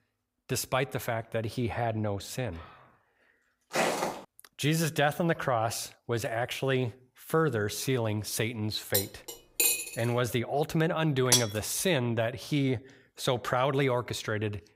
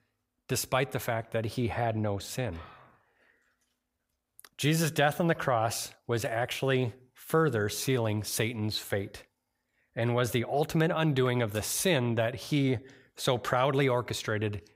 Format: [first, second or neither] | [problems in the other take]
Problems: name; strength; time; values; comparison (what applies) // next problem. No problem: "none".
second | footsteps; loud; at 3.5 s; peak 2 dB above the speech // clattering dishes; loud; from 9 to 10 s and at 11 s; peak 5 dB above the speech